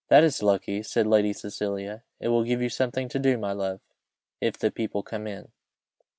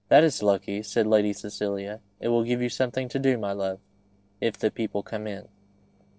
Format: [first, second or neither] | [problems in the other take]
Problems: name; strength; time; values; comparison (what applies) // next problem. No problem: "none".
first | noise reduction (neural separator model SepFormer DNS4)